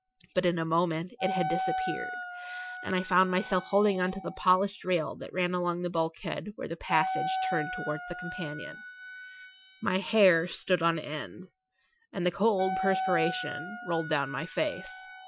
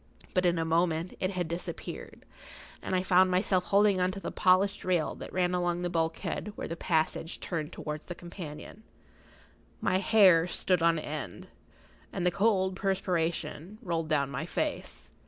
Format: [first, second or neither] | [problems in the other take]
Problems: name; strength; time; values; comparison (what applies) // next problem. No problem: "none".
second | noise reduction (classical method Wiener filter)